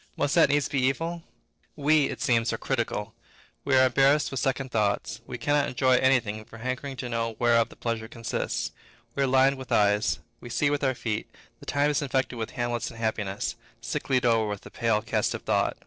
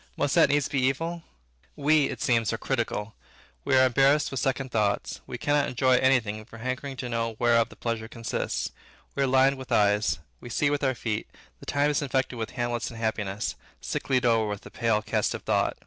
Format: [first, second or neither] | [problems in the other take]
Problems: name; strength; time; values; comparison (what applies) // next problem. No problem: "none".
second | noise reduction (neural separator model SepFormer DNS4)